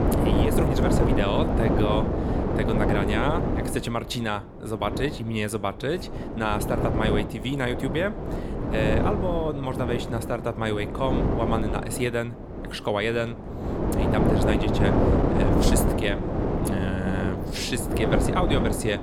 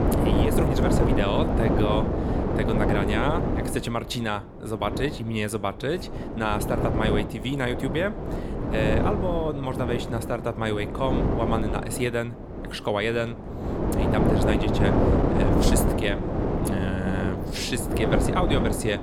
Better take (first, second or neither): neither